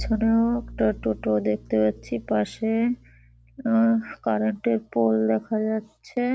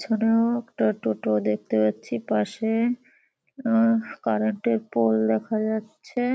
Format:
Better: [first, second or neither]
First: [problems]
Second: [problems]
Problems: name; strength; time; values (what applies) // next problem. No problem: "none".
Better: second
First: background sound (Bowed string instrument); 18 dB below the speech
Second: none